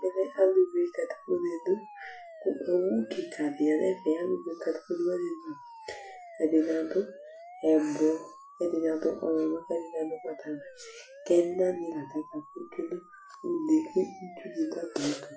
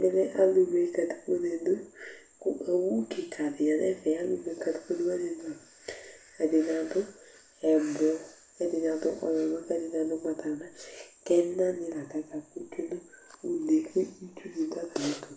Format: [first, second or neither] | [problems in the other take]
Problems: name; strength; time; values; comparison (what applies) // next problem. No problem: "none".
second | noise reduction (classical method Wiener filter)